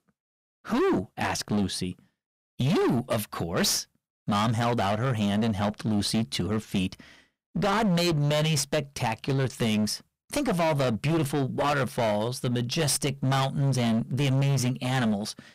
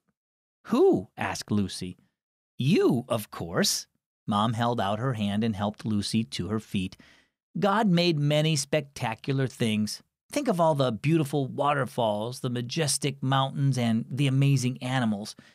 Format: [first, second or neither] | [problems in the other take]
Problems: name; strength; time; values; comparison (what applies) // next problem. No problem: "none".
second | distortion; heavy; 22% of the sound clipped